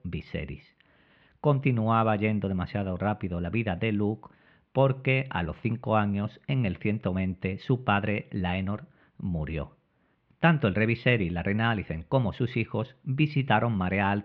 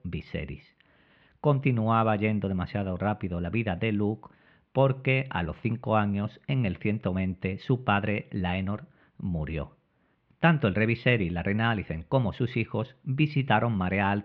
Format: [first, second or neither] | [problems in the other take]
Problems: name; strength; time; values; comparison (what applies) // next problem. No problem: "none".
neither | muffled; very; fading above 3 kHz; the same in both